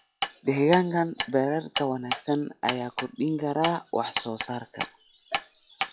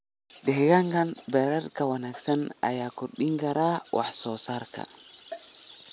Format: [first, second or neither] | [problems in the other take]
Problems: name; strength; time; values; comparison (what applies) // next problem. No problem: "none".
second | noise reduction (classical method log-MMSE)